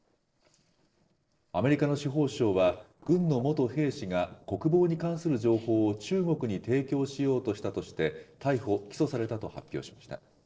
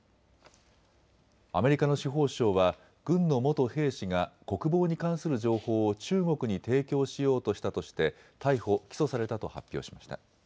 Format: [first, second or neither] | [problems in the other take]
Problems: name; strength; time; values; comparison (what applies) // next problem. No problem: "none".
second | noise reduction (neural separator model SepFormer DNS4)